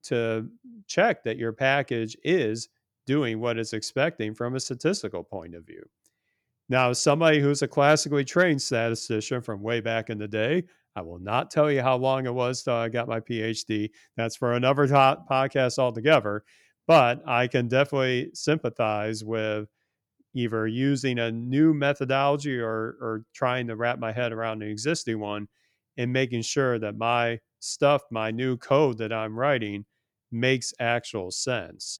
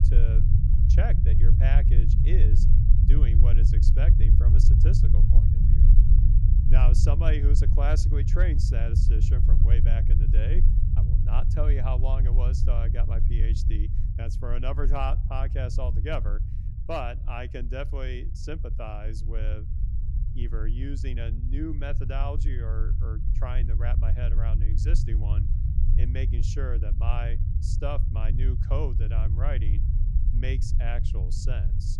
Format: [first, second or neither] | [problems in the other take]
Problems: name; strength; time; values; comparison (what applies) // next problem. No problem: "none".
first | low rumble; loud; throughout; 4 dB below the speech